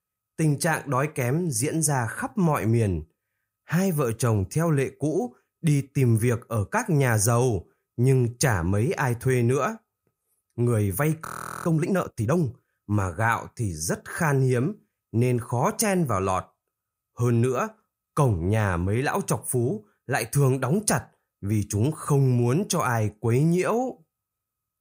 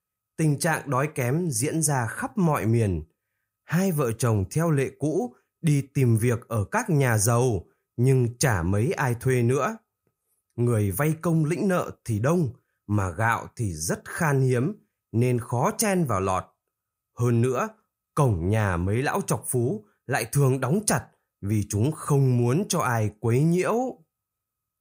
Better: second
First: audio freezing; at 11 s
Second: none

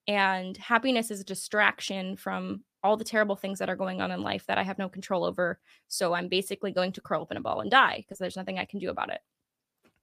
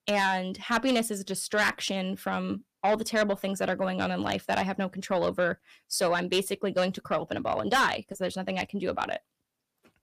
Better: first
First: none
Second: distortion; heavy; 8 dB below the speech

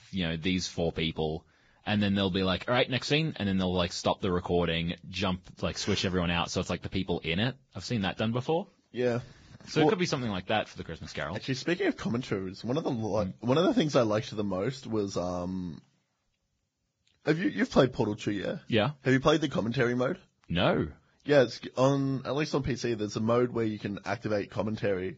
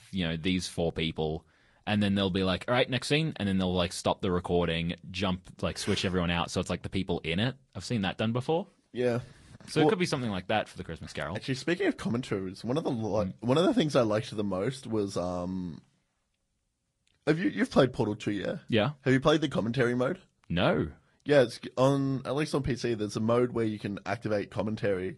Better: second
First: garbled, watery; badly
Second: garbled, watery; slightly; nothing above 11 kHz

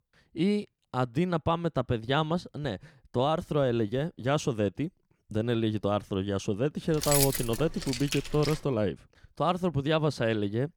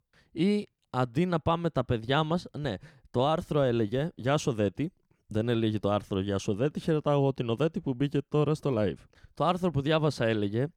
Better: second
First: jangling keys; loud; from 7 to 8.5 s; peak 3 dB above the speech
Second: none

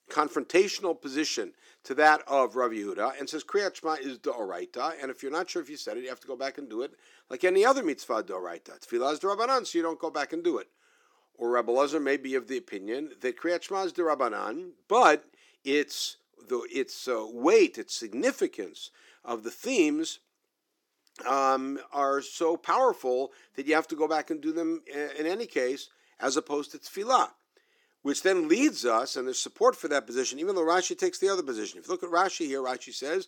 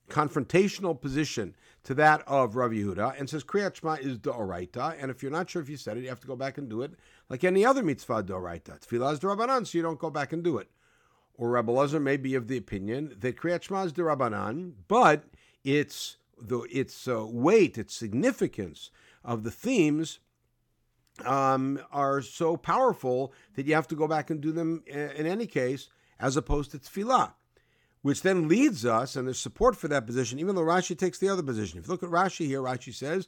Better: second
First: thin; very slightly; fading below 300 Hz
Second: none

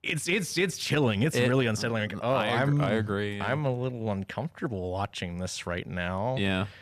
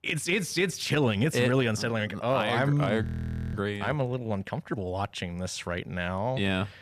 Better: first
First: none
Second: audio freezing; at 3 s for 0.5 s

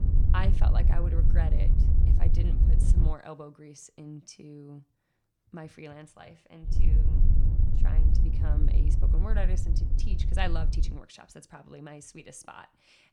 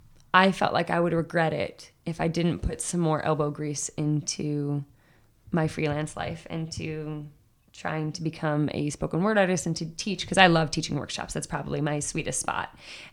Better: second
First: wind noise on the microphone; heavy; until 3 s and from 6.5 to 11 s; 2 dB below the speech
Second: none

